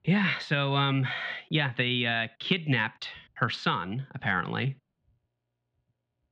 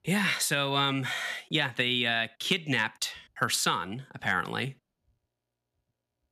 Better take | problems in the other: second | muffled; slightly; fading above 3.5 kHz

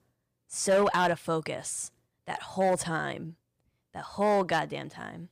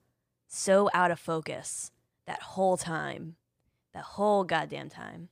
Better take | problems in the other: second | distortion; slight; 3% of the sound clipped

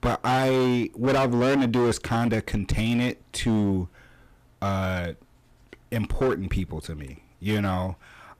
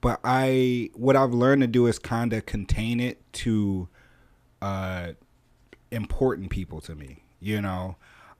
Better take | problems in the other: second | distortion; heavy; 13% of the sound clipped

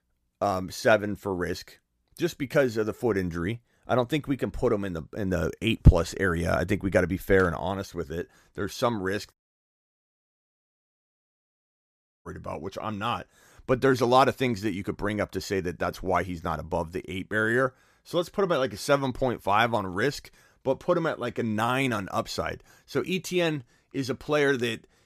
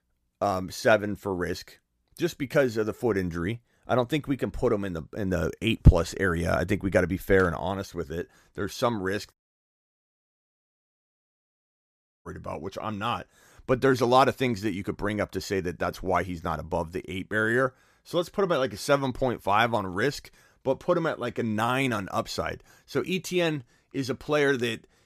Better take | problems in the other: neither | audio cutting out; at 9.5 s for 3 s; the same in both

